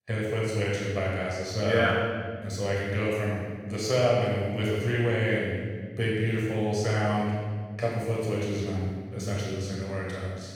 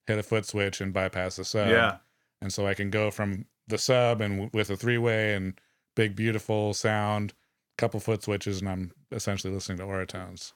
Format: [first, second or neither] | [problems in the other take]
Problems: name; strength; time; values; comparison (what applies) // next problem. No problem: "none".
second | off-mic speech; far // room echo; strong; dies away in 1.8 s